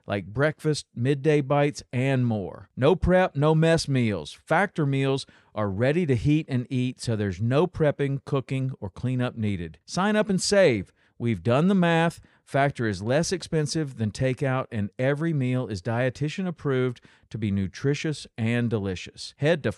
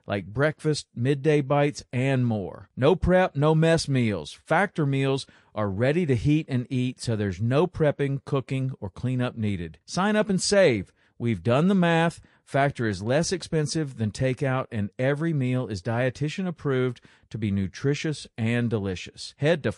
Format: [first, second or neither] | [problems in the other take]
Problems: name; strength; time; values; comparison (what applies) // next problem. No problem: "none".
first | garbled, watery; slightly; nothing above 10 kHz